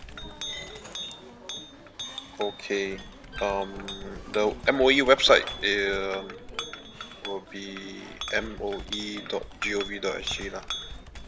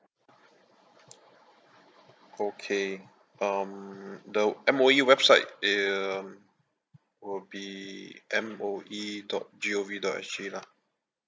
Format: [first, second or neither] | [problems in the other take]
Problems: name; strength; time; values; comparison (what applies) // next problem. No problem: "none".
second | background sound (Chink, clink + Computer keyboard); 10 dB below the speech